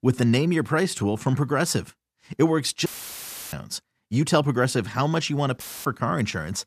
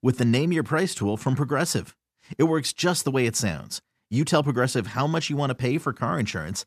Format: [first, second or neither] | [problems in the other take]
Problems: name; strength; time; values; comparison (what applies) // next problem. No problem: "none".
second | audio cutting out; filled with static; at 3 s for 0.5 s and at 5.5 s